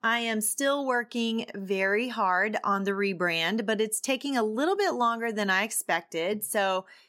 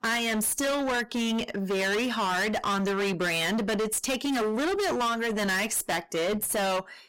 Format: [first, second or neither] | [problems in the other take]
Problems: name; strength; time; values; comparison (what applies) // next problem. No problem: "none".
first | distortion; heavy; 38% of the sound clipped